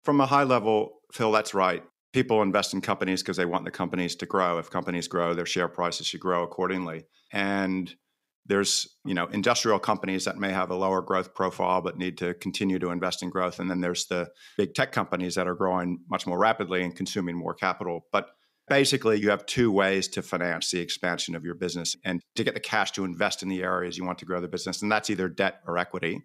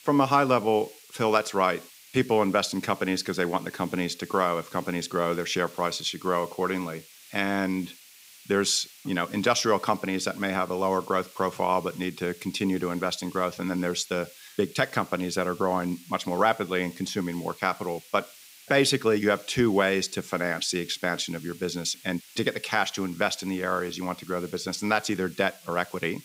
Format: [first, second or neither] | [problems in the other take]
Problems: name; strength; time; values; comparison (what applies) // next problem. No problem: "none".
first | hiss; faint; throughout; 20 dB below the speech